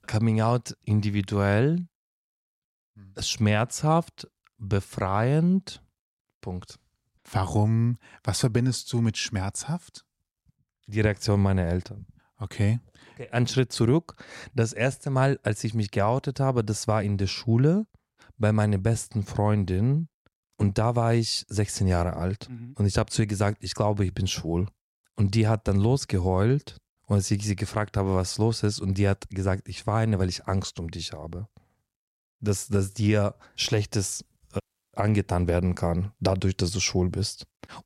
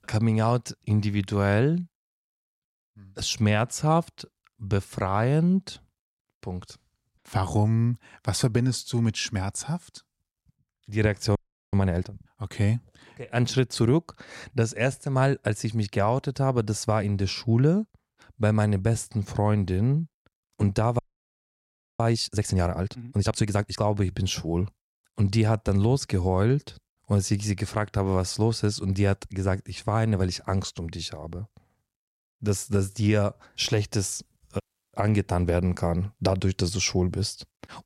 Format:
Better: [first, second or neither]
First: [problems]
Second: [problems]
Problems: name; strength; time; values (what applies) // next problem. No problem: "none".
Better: first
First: none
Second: audio freezing; at 11 s and at 21 s for 1 s